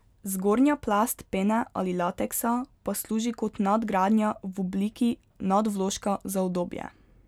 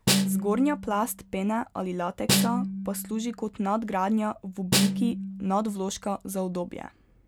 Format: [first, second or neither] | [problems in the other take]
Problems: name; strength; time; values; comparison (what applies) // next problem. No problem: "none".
first | background sound (Snare drum); 1 dB below the speech